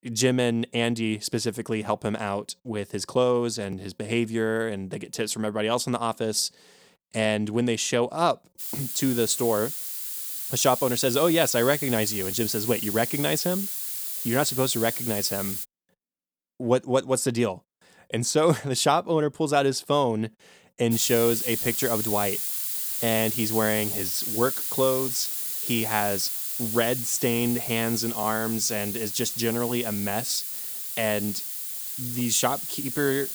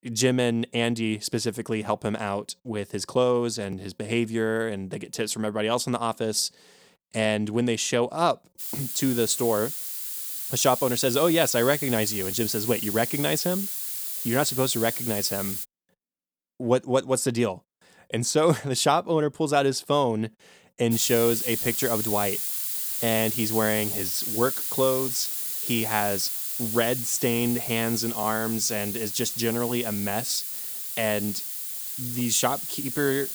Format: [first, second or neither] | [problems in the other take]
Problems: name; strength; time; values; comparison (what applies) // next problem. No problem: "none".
neither | hiss; loud; from 8.5 to 16 s and from 21 s on; 3 dB below the speech; the same in both